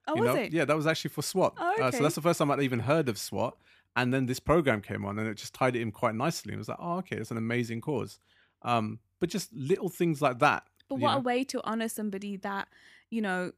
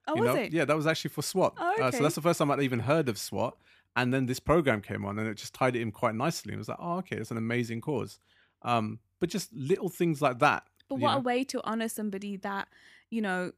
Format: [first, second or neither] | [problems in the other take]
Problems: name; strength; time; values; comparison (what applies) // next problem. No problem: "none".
neither | none